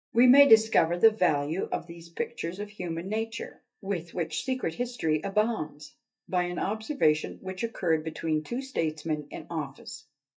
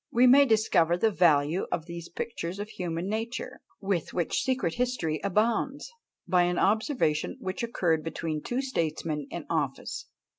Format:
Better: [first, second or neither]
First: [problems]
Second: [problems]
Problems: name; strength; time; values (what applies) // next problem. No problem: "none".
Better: second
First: noise reduction (neural mask model DeepFilterNet 3)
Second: none